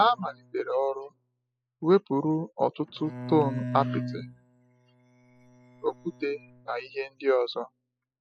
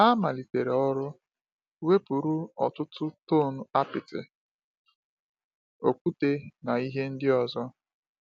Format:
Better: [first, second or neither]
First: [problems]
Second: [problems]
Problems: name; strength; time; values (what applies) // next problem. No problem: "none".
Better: second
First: noise reduction (classical method spectral subtraction)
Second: none